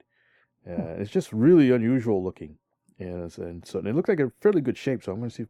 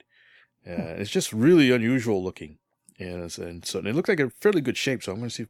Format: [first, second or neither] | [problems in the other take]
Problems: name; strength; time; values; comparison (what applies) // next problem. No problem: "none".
second | muffled; slightly; fading above 2 kHz